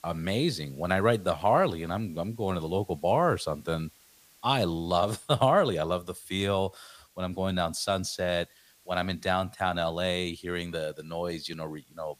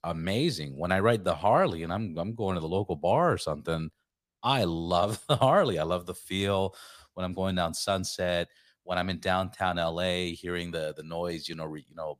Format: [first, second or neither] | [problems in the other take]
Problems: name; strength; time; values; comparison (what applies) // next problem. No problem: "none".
second | hiss; faint; throughout; 30 dB below the speech